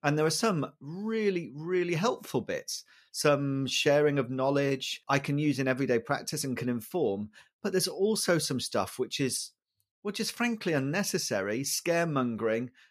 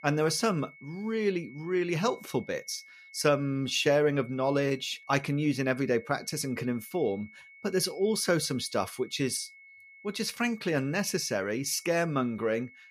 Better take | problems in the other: first | high-pitched whine; faint; throughout; 2 kHz, 20 dB below the speech

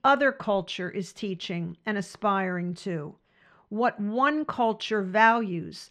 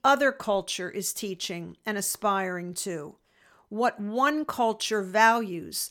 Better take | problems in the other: second | muffled; slightly; fading above 3 kHz

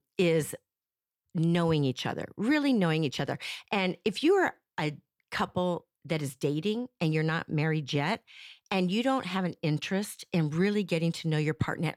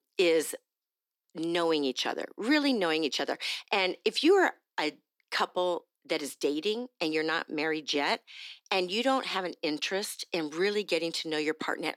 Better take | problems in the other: first | thin; somewhat; fading below 250 Hz

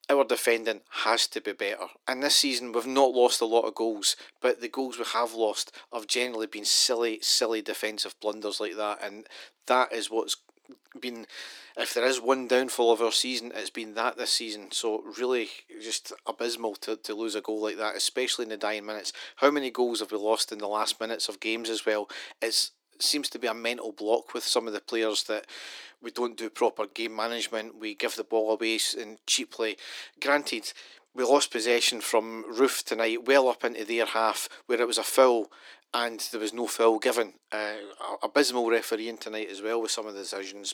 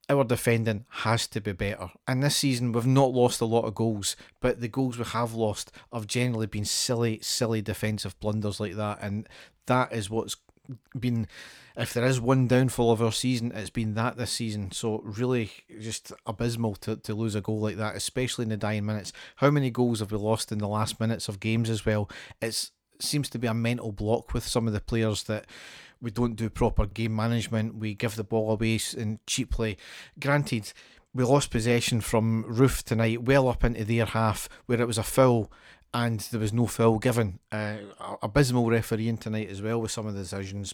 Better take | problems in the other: second | thin; somewhat; fading below 300 Hz

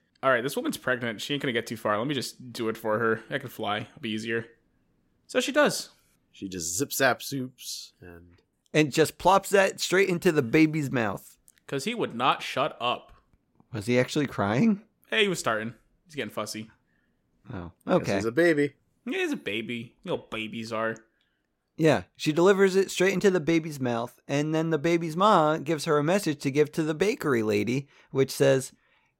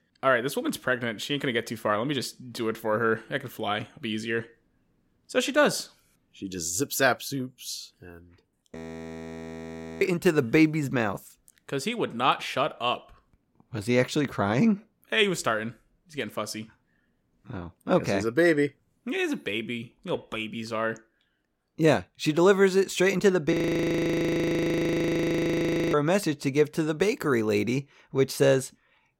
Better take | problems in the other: first | audio freezing; at 9 s for 1.5 s and at 24 s for 2.5 s

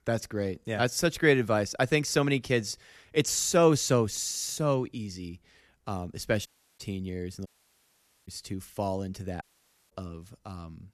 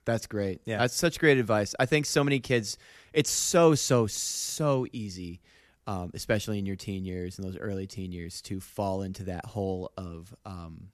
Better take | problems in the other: second | audio cutting out; at 6.5 s, at 7.5 s for 1 s and at 9.5 s

